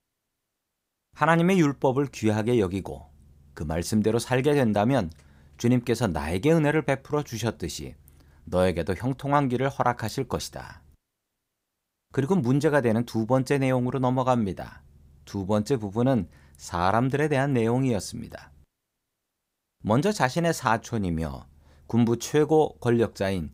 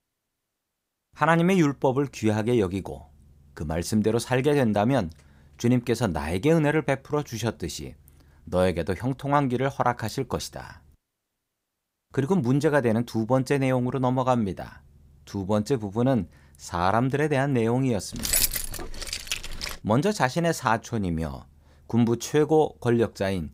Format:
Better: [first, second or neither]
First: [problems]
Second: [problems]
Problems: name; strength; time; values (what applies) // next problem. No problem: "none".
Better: first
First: none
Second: jangling keys; loud; from 18 to 20 s; peak 3 dB above the speech